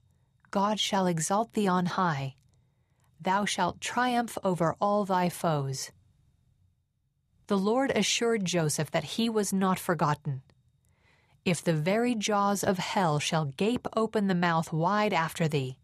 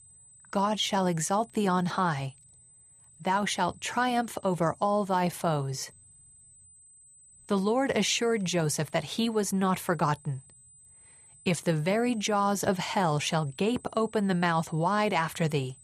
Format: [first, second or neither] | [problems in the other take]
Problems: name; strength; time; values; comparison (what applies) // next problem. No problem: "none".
first | high-pitched whine; faint; throughout; 8 kHz, 25 dB below the speech